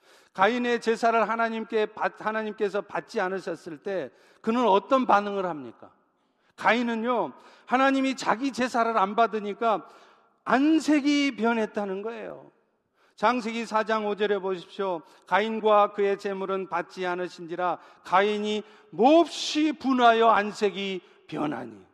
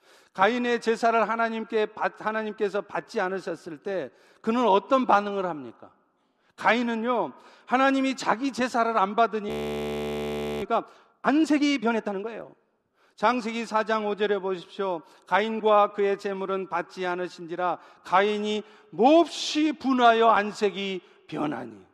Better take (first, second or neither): first